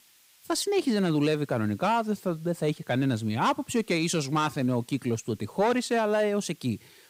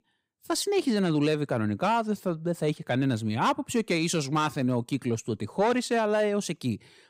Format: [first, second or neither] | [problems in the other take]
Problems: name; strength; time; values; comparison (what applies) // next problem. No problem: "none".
second | hiss; faint; throughout; 30 dB below the speech